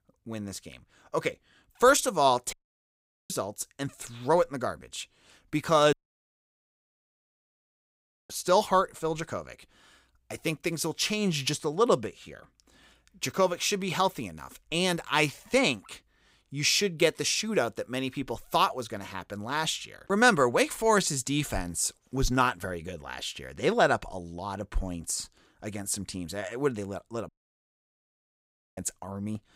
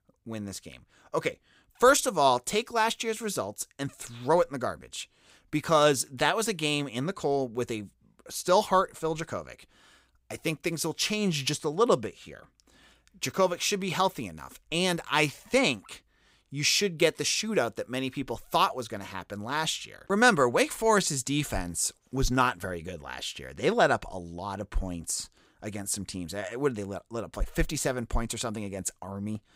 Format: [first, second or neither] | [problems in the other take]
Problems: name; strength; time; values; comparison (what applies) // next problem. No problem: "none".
second | audio cutting out; at 2.5 s for 1 s, at 6 s for 2.5 s and at 27 s for 1.5 s